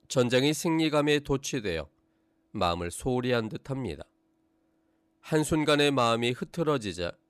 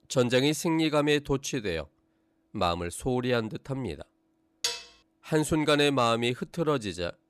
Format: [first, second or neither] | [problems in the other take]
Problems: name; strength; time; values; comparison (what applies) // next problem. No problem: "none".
first | clattering dishes; noticeable; at 4.5 s; peak 4 dB below the speech